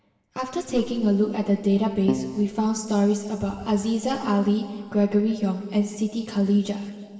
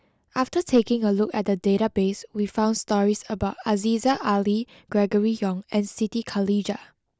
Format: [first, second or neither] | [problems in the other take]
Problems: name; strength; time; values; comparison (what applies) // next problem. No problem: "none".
second | background sound (Keyboard (musical)); 5 dB below the speech // room echo; dies away in 1.9 s